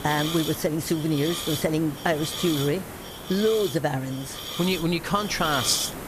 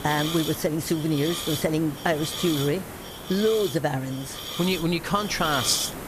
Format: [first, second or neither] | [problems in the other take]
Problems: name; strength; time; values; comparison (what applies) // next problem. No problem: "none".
neither | hiss; loud; throughout; 7 dB below the speech; the same in both